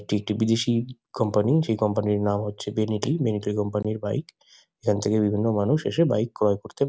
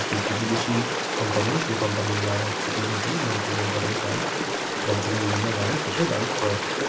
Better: first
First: none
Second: background sound (Stream); 1 dB above the speech // room echo; dies away in 0.2 s

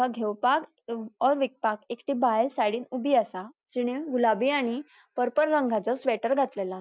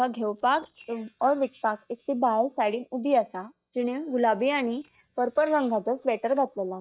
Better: first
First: none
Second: noise reduction (neural mask model DeepFilterNet 3)

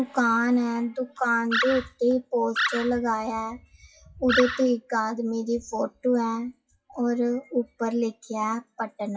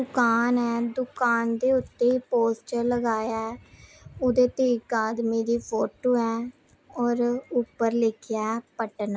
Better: second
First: noise reduction (classical method WPE with log-MMSE)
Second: none

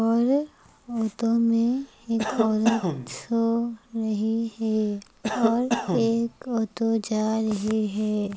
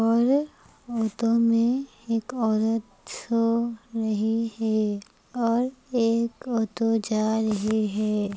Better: second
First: background sound (Cough); 5 dB below the speech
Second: none

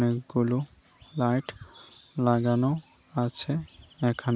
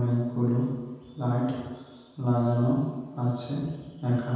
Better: first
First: none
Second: room echo; dies away in 1.2 s

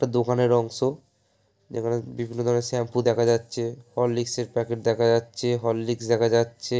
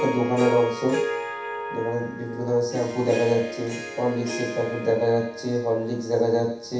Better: first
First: none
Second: background sound (Harp); 7 dB below the speech // room echo; dies away in 0.7 s

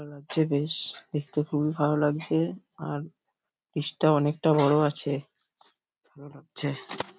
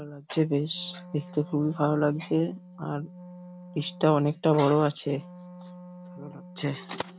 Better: first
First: none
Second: background sound (Wind instrument, woodwind instrument); 18 dB below the speech

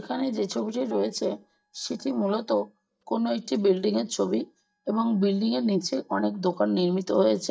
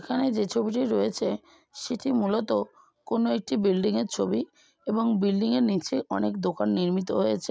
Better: second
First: noise reduction (neural mask model DeepFilterNet 3)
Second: none

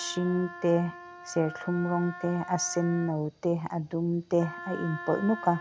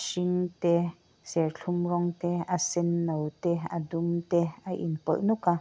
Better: second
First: background sound (Wind instrument, woodwind instrument); 14 dB below the speech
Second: none

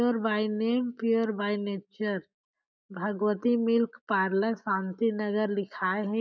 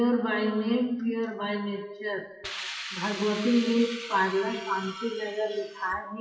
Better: first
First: none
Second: noise reduction (classical method WPE with log-MMSE)

